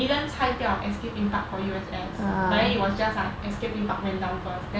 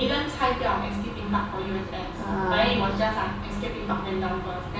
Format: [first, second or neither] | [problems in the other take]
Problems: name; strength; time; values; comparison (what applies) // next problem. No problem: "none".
first | room echo; dies away in 0.7 s